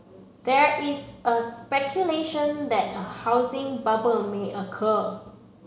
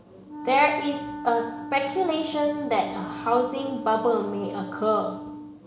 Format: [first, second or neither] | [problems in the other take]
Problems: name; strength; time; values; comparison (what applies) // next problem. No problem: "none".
first | background sound (Wind instrument, woodwind instrument); 11 dB below the speech